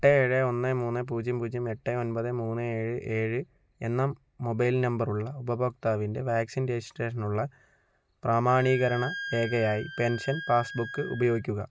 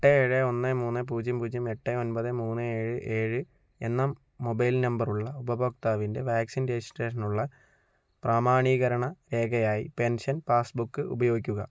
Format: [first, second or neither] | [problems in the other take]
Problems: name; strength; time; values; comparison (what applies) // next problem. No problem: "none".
second | background sound (Wind instrument, woodwind instrument); 11 dB below the speech